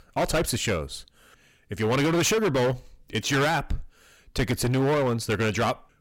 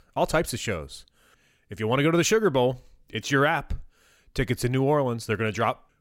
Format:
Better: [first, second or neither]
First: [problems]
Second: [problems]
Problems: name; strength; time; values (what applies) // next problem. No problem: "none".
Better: second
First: distortion; heavy; 16% of the sound clipped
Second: none